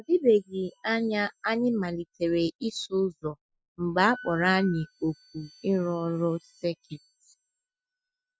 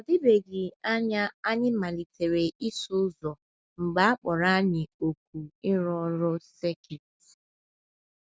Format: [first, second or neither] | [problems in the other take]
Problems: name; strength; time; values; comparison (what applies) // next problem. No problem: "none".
second | noise reduction (classical method Wiener filter)